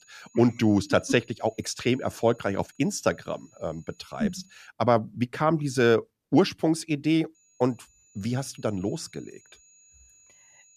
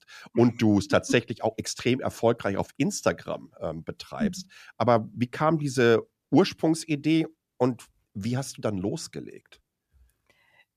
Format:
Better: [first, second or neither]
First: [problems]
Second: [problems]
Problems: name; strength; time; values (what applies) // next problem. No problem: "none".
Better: second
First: high-pitched whine; faint; until 4.5 s and from 7.5 s on; 6.5 kHz, 30 dB below the speech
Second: none